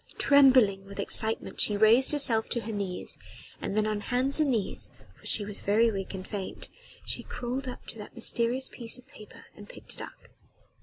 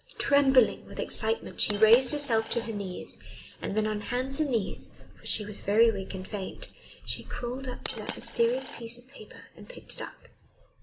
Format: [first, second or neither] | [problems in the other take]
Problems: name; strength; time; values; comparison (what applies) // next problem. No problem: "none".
first | background sound (Coin (dropping)); 11 dB below the speech // room echo; dies away in 0.5 s